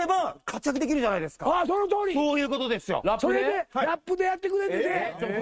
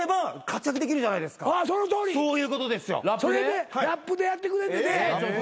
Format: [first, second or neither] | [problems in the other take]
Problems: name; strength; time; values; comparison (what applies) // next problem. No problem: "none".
second | noise reduction (neural mask model RNNoise)